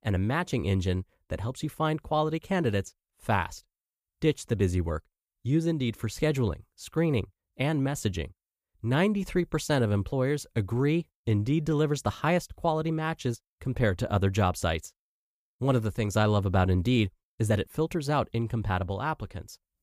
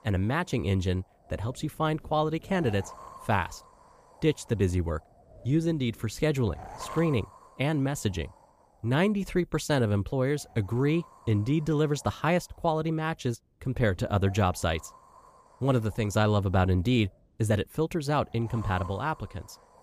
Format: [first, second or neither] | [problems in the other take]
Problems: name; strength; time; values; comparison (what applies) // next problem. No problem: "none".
first | wind noise on the microphone; occasional gusts; 15 dB below the speech